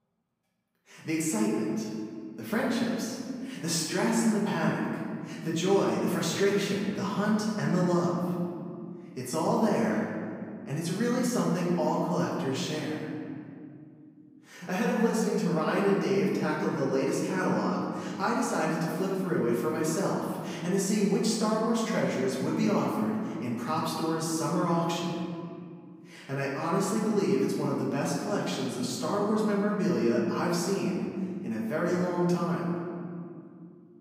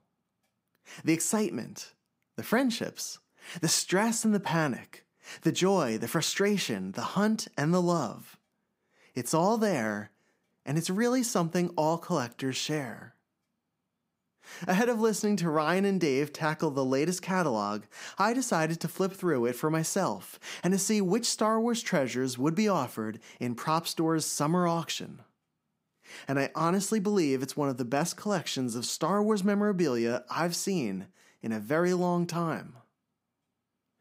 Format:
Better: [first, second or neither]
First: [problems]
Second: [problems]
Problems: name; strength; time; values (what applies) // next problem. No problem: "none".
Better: second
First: off-mic speech; far // room echo; noticeable; dies away in 2.3 s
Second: none